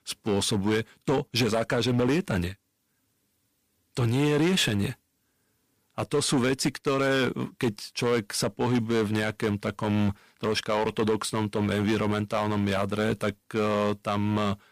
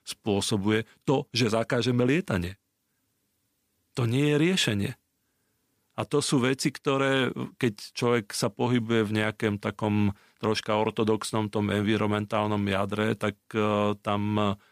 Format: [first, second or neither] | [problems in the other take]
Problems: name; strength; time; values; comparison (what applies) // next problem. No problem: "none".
second | distortion; slight; 6% of the sound clipped